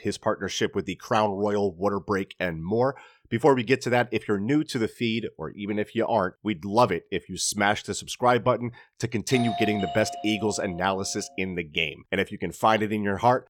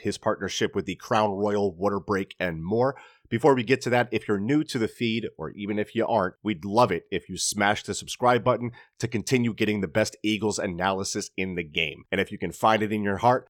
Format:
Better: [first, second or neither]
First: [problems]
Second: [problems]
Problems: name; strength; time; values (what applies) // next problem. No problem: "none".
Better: second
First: doorbell; noticeable; from 9.5 to 11 s; peak 5 dB below the speech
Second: none